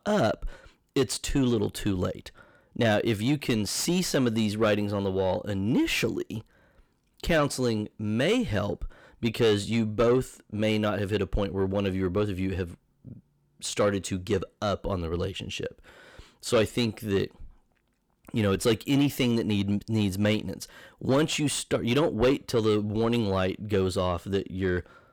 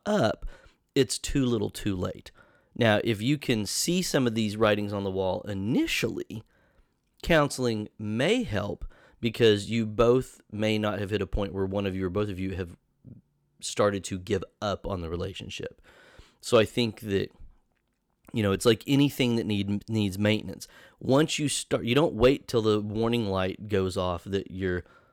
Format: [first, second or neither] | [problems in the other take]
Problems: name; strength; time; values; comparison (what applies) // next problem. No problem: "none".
second | distortion; slight; 10 dB below the speech